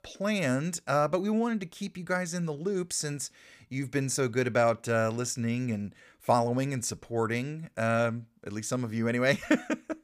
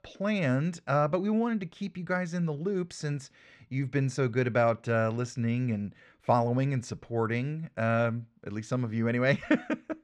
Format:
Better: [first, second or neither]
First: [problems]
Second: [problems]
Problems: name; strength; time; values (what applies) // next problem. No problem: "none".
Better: first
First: none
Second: muffled; slightly; fading above 3.5 kHz